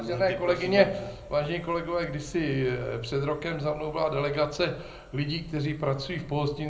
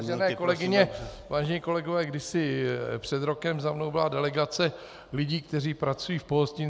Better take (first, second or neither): second